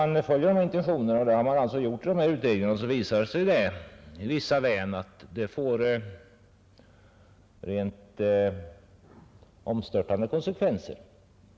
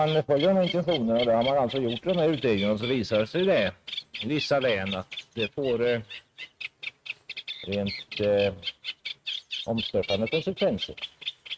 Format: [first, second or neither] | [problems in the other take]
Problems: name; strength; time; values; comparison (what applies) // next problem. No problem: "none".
first | noise reduction (neural mask model RNNoise)